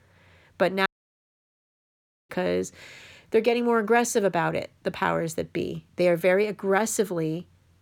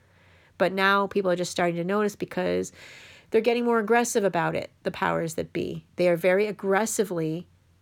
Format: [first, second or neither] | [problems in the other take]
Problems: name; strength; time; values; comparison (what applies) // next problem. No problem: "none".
second | audio cutting out; at 1 s for 1.5 s